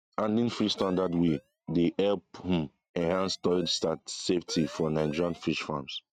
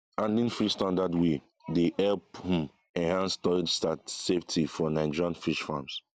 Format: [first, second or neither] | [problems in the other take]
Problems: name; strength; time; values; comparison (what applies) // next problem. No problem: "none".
second | noise reduction (neural mask model RNNoise)